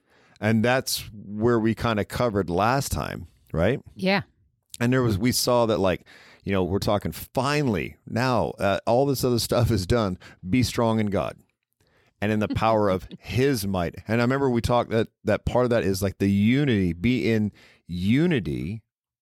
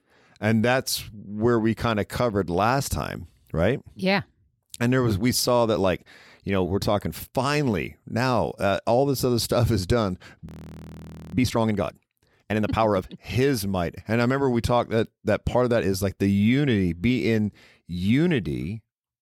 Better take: first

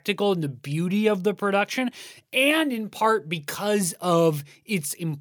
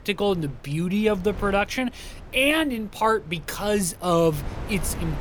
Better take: first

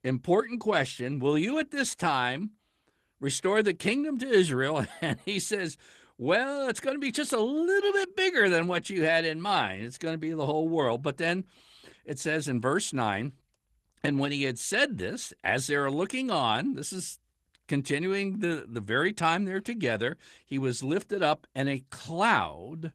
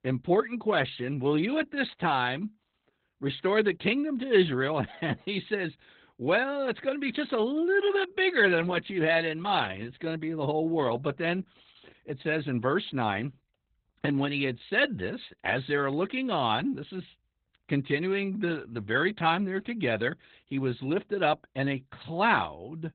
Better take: first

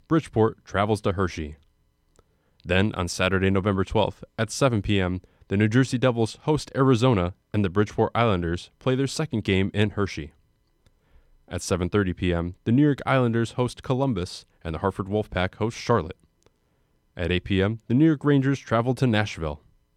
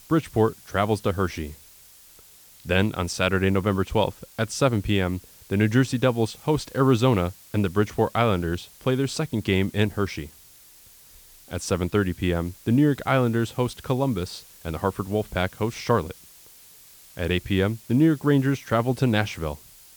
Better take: first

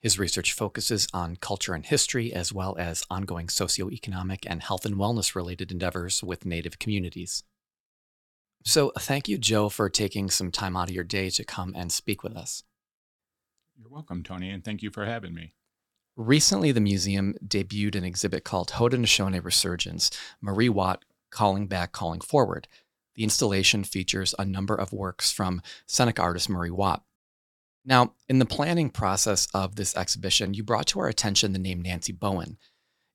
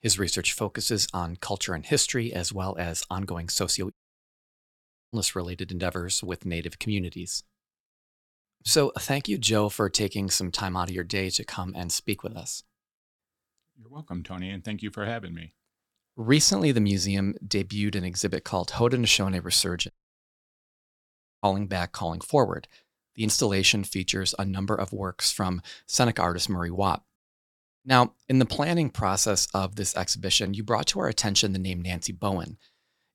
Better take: first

